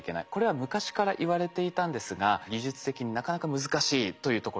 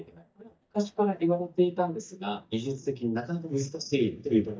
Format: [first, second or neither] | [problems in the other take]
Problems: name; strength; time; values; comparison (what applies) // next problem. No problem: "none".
first | noise reduction (neural mask model DeepFilterNet 3)